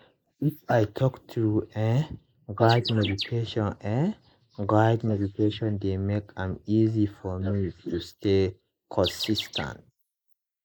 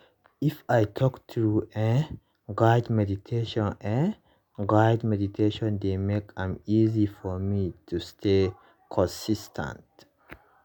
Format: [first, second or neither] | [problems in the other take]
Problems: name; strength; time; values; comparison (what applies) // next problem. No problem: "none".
second | noise reduction (neural mask model Resemble Enhance denoiser)